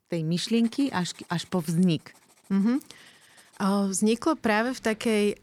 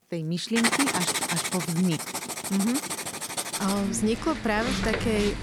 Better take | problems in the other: first | household noises; loud; throughout; 1 dB below the speech; faint in the first

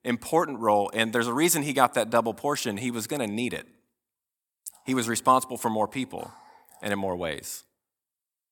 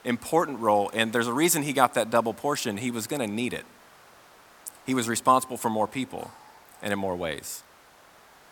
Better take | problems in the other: first | hiss; faint; throughout; 25 dB below the speech

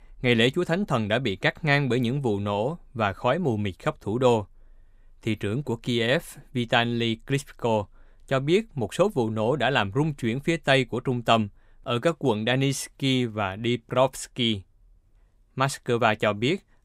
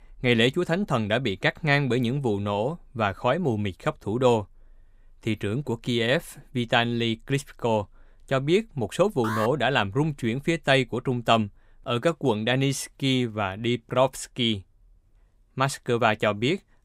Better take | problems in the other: first | alarm; noticeable; at 9 s; peak 6 dB below the speech

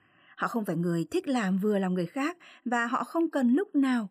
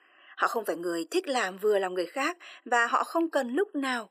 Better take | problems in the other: first | thin; somewhat; fading below 400 Hz

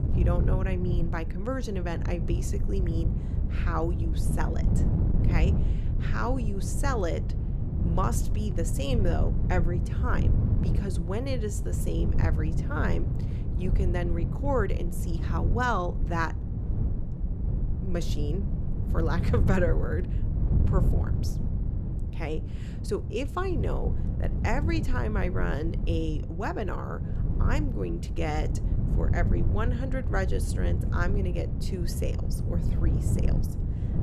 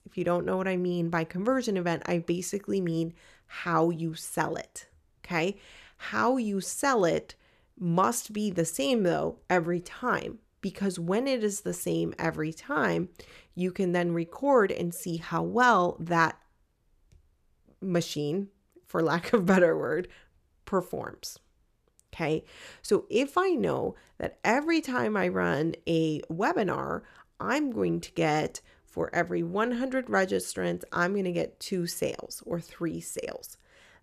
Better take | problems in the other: second | wind noise on the microphone; heavy; 7 dB below the speech

